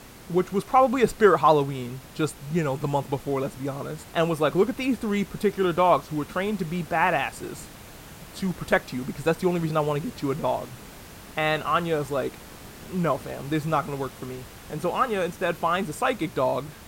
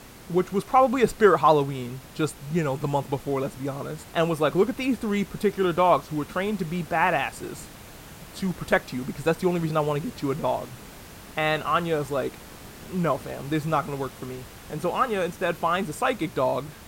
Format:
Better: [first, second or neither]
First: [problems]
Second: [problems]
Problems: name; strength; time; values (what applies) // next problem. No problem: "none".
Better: neither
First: hiss; noticeable; throughout; 20 dB below the speech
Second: hiss; noticeable; throughout; 20 dB below the speech